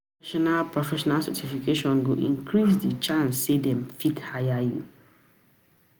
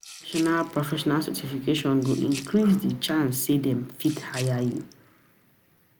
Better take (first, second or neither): first